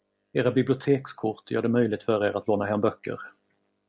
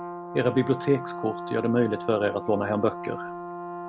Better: first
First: none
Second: background sound (Brass instrument); 9 dB below the speech

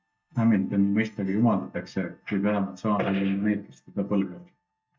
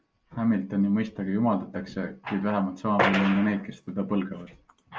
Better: second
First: noise reduction (neural mask model DeepFilterNet 3)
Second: none

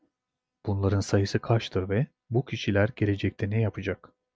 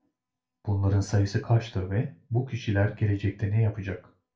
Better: first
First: none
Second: room echo; dies away in 0.3 s

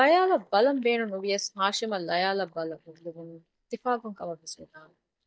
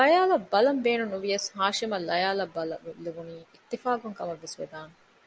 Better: second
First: noise reduction (neural mask model DeepFilterNet 3)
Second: none

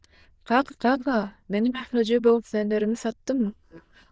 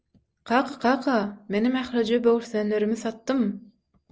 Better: second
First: noise reduction (neural diffusion model UNIVERSE++)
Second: none

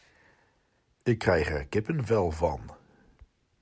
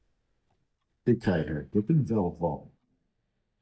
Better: first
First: none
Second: noise reduction (neural mask model DeepFilterNet 3)

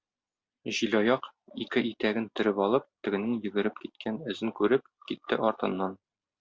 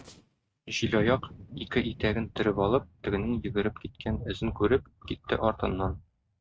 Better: first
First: none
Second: noise reduction (neural mask model RNNoise)

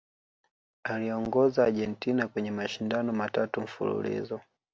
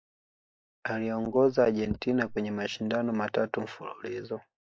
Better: first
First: none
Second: noise reduction (neural mask model Resemble Enhance denoiser)

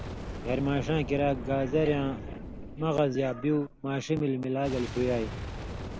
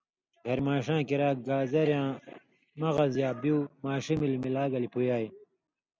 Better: second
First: background sound (Boom); 9 dB below the speech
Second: none

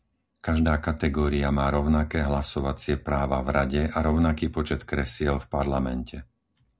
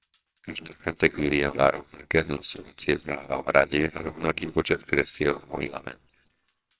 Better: first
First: none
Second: noise reduction (neural separator model SepFormer WHAMR!)

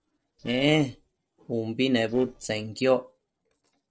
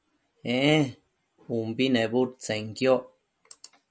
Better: second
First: noise reduction (neural separator model SepFormer DNS4)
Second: none

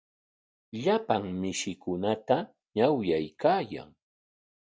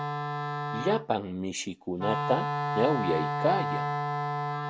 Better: first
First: none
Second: background sound (Wind instrument, woodwind instrument); as loud as the speech

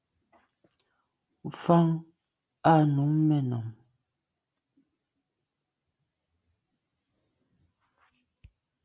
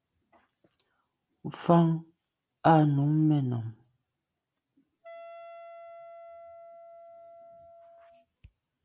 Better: first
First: none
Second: background sound (Wind instrument, woodwind instrument); 18 dB below the speech

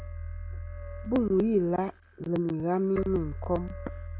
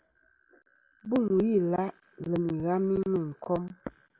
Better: second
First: background sound (Keyboard (musical)); 10 dB below the speech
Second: none

